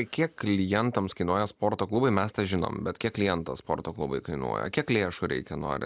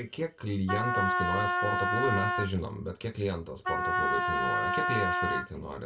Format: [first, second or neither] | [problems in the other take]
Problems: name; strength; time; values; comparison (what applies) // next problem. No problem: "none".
first | background sound (Wind instrument, woodwind instrument); 4 dB above the speech // room echo; dies away in 0.2 s